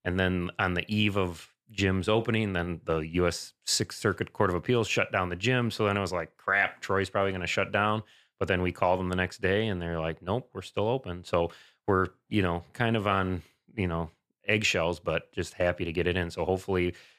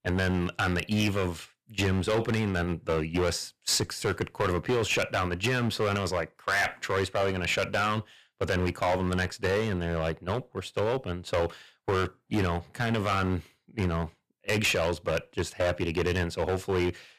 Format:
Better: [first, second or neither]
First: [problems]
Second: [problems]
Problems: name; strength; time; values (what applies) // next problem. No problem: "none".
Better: first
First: none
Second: distortion; heavy; 10% of the sound clipped